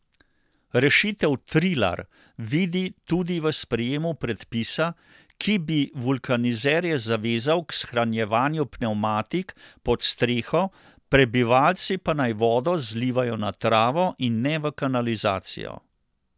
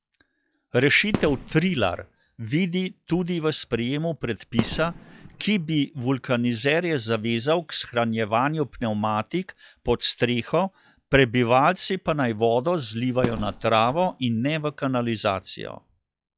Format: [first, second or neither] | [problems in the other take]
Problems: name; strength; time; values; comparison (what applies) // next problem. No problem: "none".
first | noise reduction (classical method log-MMSE)